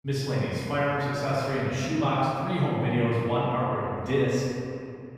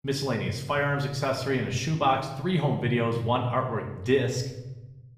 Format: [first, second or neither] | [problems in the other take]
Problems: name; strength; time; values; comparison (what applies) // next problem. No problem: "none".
second | room echo; strong; dies away in 2.5 s; slight in the second // off-mic speech; far; somewhat distant in the second